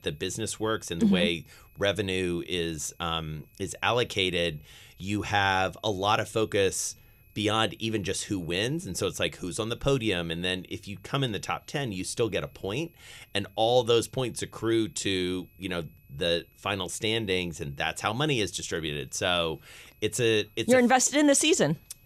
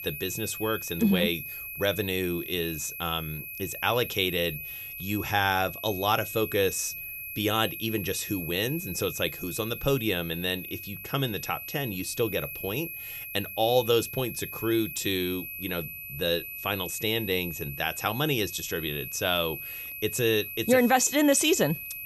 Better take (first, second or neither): first